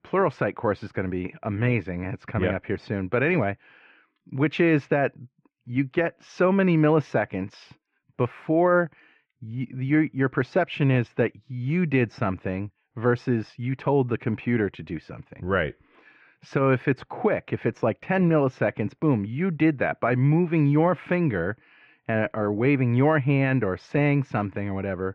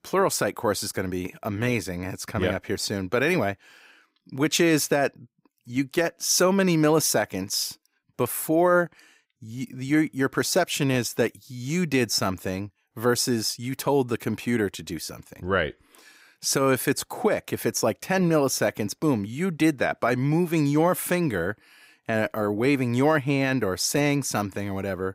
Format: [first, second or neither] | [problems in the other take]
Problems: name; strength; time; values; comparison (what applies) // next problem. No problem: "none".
second | muffled; very; fading above 2.5 kHz